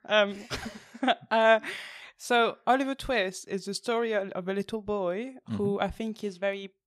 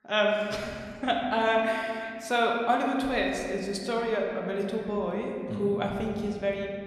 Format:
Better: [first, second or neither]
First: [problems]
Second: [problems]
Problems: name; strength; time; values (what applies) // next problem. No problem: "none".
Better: first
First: none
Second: room echo; noticeable; dies away in 2.4 s // off-mic speech; somewhat distant